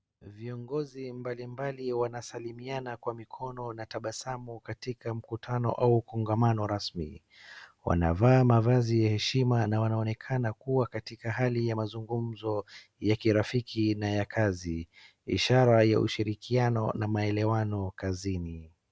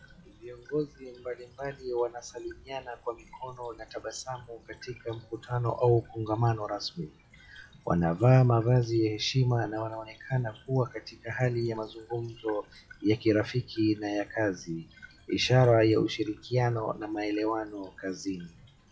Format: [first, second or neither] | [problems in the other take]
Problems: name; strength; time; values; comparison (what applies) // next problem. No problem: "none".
first | noise reduction (classical method WPE with log-MMSE)